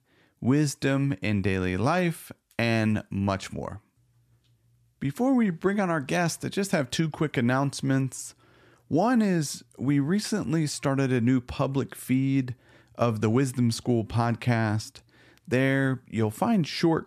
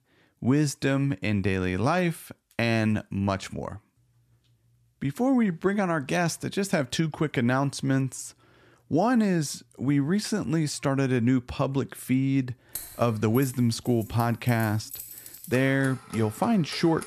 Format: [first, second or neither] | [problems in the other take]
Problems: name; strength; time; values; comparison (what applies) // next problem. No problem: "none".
first | household noises; noticeable; from 13 s on; 15 dB below the speech